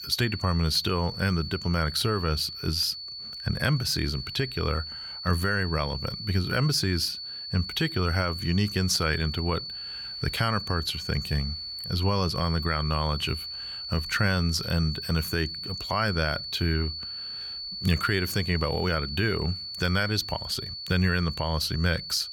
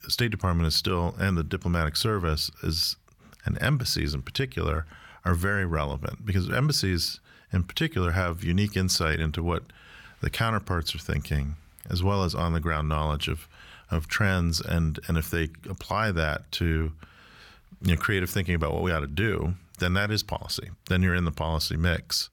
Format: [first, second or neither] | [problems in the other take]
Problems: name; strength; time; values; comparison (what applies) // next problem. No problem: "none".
second | high-pitched whine; loud; throughout; 4.5 kHz, 7 dB below the speech